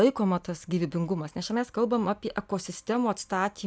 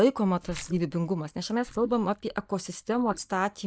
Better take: first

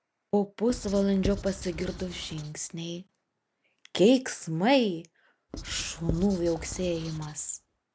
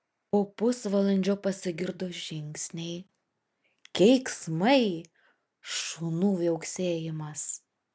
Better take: second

